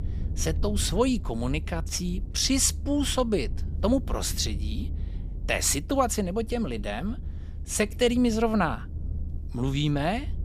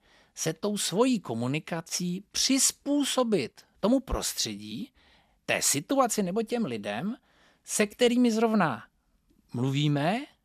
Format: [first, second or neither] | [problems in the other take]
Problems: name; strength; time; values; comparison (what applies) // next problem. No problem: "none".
second | low rumble; faint; throughout; 20 dB below the speech